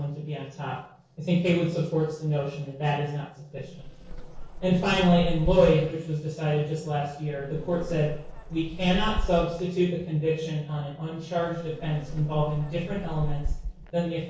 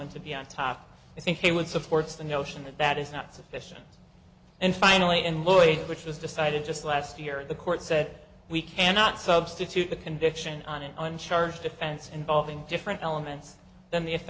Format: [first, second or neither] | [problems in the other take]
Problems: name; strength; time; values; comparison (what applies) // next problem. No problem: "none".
second | noise reduction (neural separator model SepFormer DNS4)